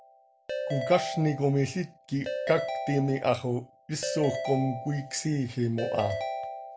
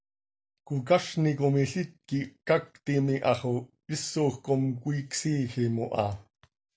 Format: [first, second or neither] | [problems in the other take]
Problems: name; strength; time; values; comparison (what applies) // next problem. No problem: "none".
second | background sound (Ringtone / Keyboard (musical)); 6 dB below the speech